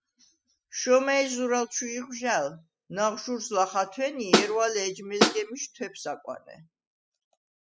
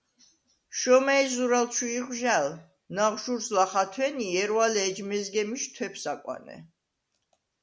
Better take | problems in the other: second | noise reduction (classical method spectral subtraction)

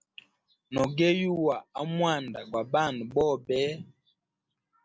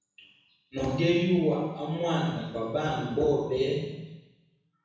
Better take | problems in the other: first | room echo; dies away in 1.1 s

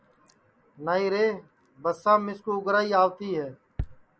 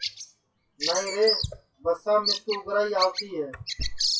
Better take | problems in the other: first | noise reduction (classical method WPE with log-MMSE)

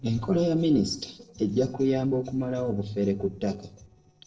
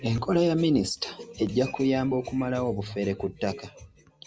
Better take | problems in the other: second | noise reduction (neural separator model SepFormer DNS4)

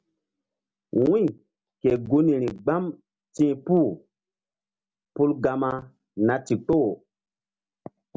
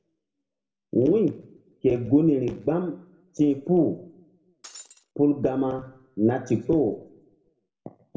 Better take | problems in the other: first | background sound (Shatter); 20 dB below the speech // room echo; dies away in 0.6 s

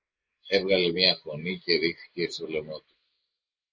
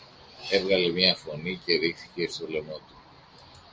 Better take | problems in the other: second | noise reduction (neural mask model Resemble Enhance denoiser)

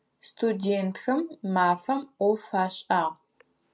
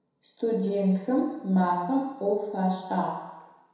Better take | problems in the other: first | room echo; dies away in 1 s

